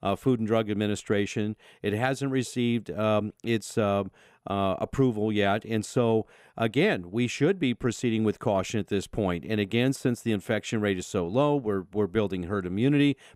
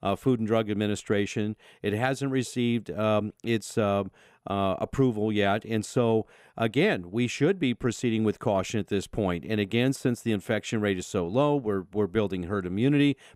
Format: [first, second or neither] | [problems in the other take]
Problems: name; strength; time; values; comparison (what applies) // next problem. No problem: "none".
neither | none